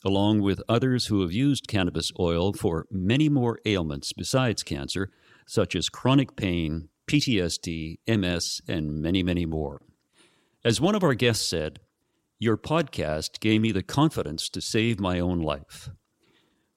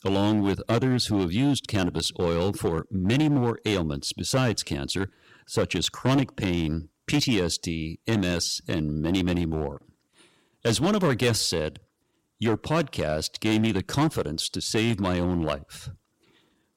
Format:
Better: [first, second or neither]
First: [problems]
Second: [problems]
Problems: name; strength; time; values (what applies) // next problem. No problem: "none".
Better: first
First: none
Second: distortion; slight; 6% of the sound clipped